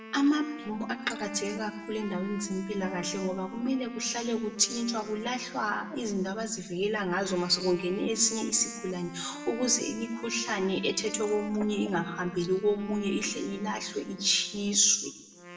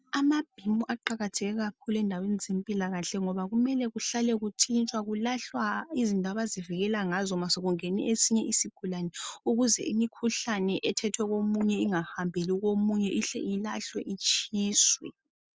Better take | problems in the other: second | background sound (Wind instrument, woodwind instrument); 14 dB below the speech // room echo; dies away in 0.7 s

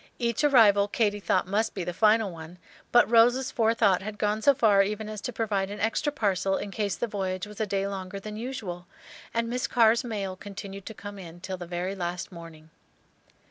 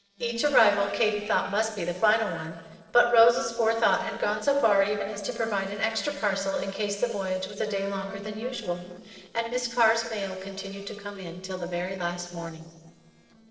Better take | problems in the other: first | noise reduction (neural separator model SepFormer DNS4)

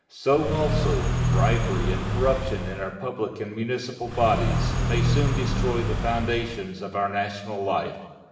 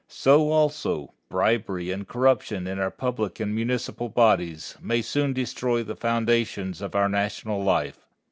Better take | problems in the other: second | background sound (Car); 3 dB above the speech // room echo; dies away in 1.2 s

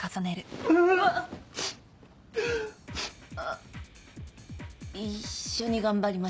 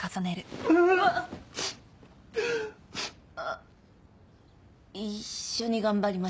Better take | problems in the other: second | background sound (Drum kit); 14 dB below the speech

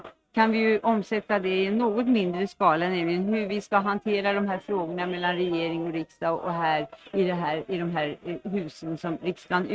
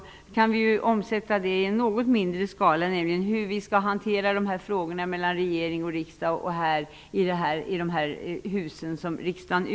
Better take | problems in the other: second | noise reduction (neural mask model RNNoise)

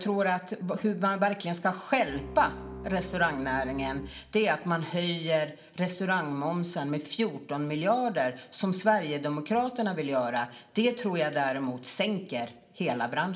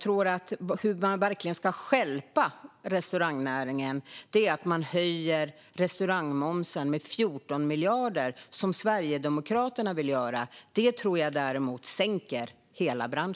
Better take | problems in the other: second | background sound (Bowed string instrument); 13 dB below the speech // room echo; dies away in 0.6 s

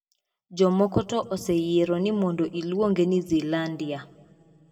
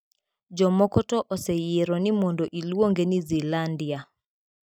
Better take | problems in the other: second | room echo; dies away in 1.2 s

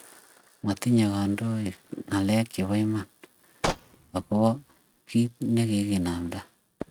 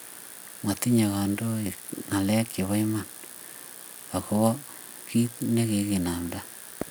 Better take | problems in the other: second | noise reduction (neural mask model RNNoise)

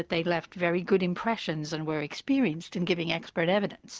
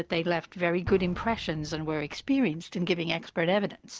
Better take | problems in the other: first | background sound (Explosion); 18 dB below the speech

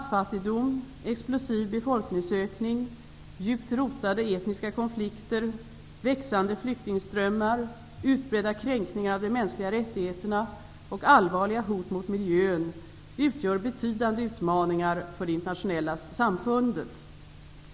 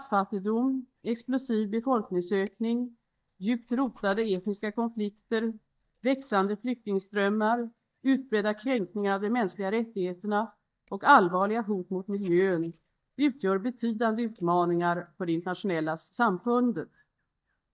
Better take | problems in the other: first | noise reduction (neural mask model DeepFilterNet 3)

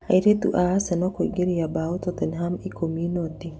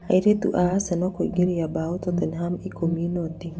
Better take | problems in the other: first | background sound (Alarm); 8 dB below the speech

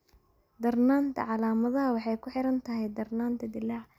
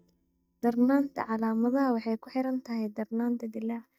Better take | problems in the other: first | noise reduction (neural mask model DeepFilterNet 3)

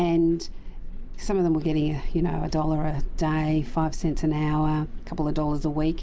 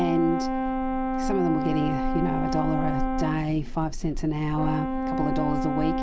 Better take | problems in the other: first | background sound (Brass instrument); 2 dB below the speech

